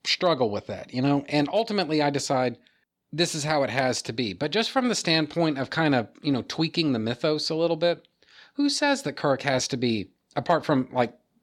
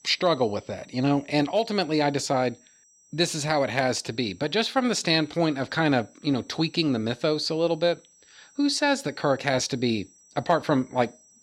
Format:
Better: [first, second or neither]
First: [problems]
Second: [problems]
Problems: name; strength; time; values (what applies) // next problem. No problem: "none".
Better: first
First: none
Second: high-pitched whine; faint; throughout; 6 kHz, 30 dB below the speech